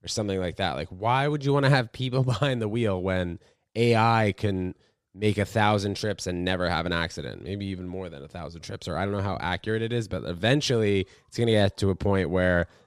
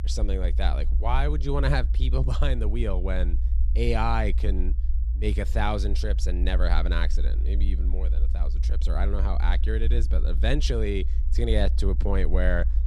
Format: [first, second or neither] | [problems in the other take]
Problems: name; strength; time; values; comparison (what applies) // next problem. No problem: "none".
first | low rumble; noticeable; throughout; 15 dB below the speech